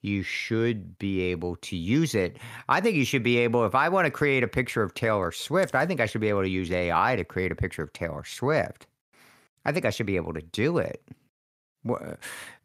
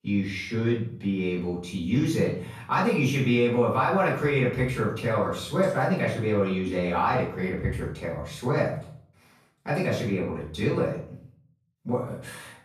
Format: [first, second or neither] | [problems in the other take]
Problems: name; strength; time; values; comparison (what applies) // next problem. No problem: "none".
first | off-mic speech; far // room echo; noticeable; dies away in 0.5 s